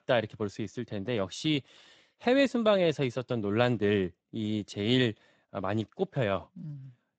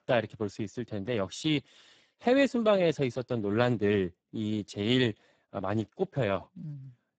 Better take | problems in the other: first | garbled, watery; badly; nothing above 8 kHz; slightly in the first

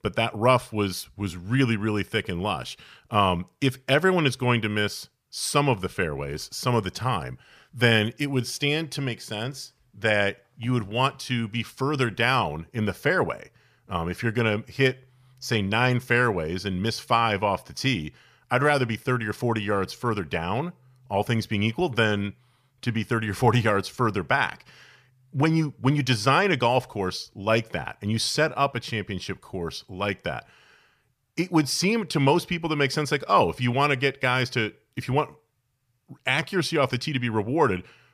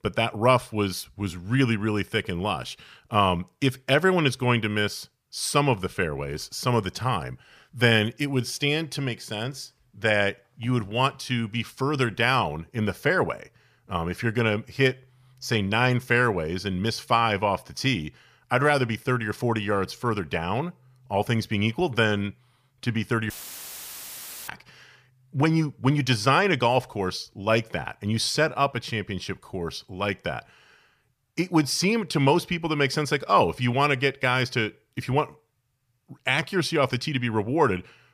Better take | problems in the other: first | audio cutting out; filled with static; at 23 s for 1 s

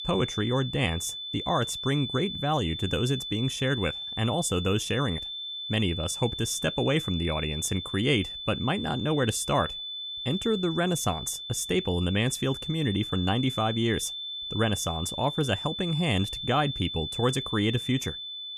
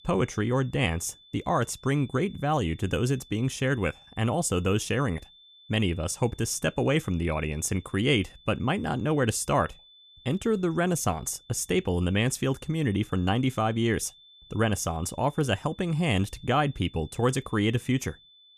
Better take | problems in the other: second | high-pitched whine; loud; throughout; 3.5 kHz, 6 dB below the speech; faint in the second

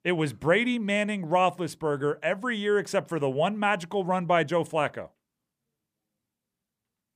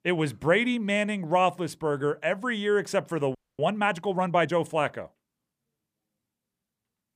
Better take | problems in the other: first | audio freezing; at 3.5 s

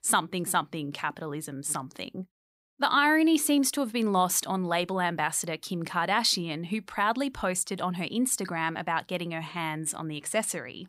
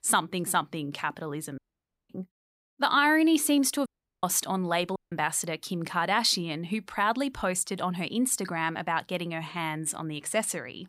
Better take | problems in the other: first | audio cutting out; at 1.5 s for 0.5 s, at 4 s and at 5 s

